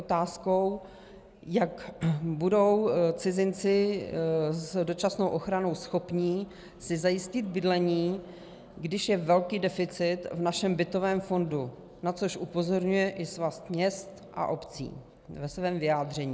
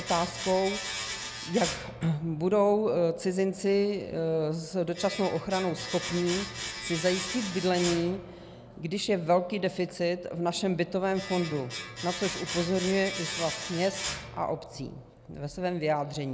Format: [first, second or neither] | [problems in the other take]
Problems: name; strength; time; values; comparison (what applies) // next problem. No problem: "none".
first | background sound (Domestic sounds, home sounds); 10 dB below the speech